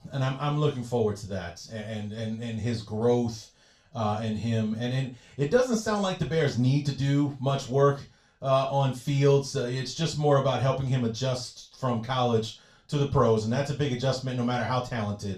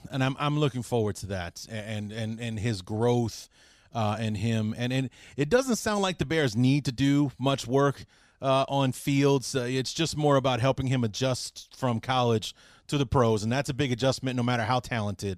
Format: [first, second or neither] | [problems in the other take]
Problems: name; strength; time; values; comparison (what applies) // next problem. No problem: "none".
second | room echo; slight; dies away in 0.3 s // off-mic speech; far